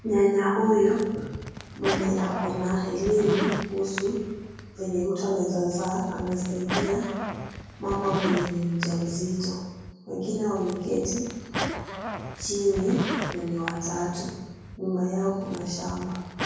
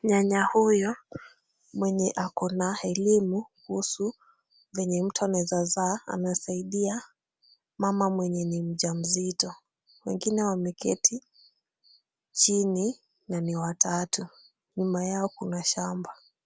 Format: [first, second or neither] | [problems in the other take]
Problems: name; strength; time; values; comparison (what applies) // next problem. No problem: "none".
second | background sound (Zipper (clothing)); 8 dB below the speech // room echo; dies away in 1.3 s